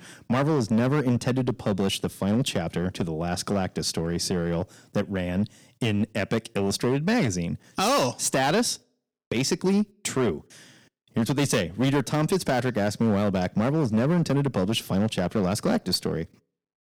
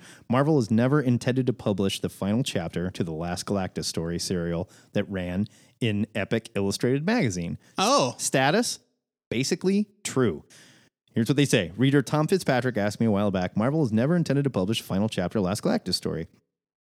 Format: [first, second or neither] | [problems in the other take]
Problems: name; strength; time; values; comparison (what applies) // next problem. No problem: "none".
second | distortion; slight; 9% of the sound clipped